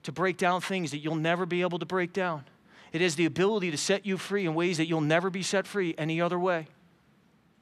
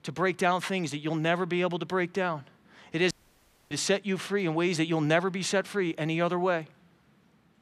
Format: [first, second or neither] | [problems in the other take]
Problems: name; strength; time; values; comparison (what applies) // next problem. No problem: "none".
first | audio cutting out; at 3 s for 0.5 s